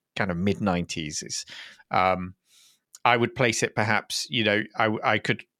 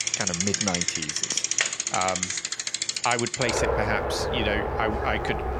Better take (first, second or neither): first